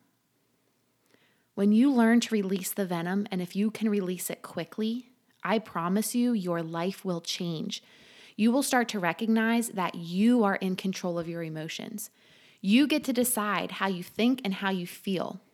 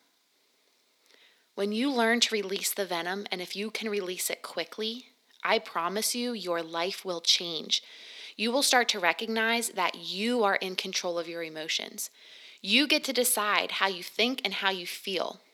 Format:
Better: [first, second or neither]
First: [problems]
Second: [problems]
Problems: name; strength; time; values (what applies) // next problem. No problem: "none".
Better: first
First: none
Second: thin; somewhat; fading below 450 Hz